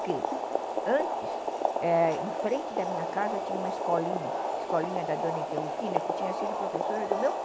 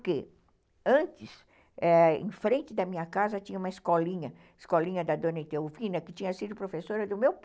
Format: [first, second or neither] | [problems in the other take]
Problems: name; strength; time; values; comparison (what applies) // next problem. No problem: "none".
second | background sound (Boiling); 1 dB above the speech